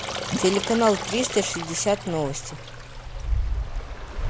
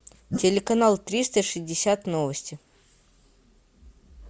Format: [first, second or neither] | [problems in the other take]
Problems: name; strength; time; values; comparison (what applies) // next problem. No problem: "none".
second | background sound (Stream); 3 dB below the speech